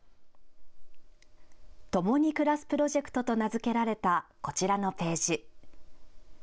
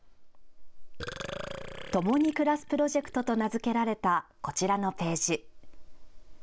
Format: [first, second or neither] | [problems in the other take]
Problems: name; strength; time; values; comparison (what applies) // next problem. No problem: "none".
first | background sound (Burping, eructation); 13 dB below the speech